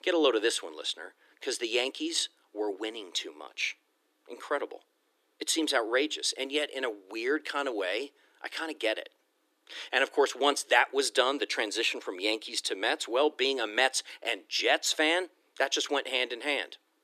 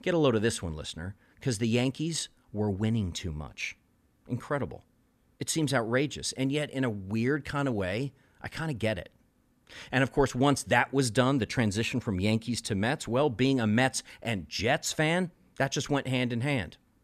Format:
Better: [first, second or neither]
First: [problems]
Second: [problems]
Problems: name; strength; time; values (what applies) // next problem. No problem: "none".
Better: second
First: thin; very; fading below 300 Hz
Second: none